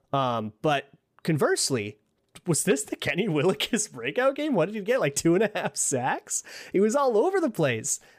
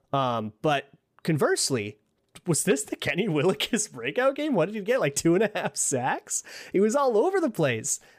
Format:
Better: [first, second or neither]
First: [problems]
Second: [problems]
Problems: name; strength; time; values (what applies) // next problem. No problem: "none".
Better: neither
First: none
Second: none